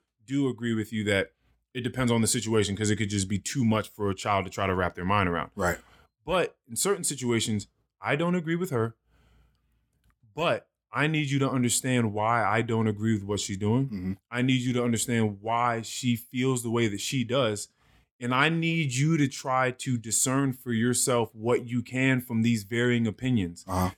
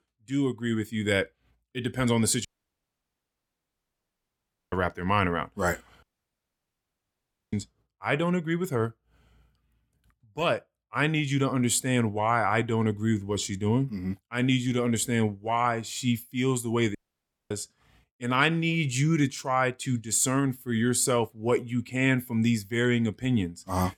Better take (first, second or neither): first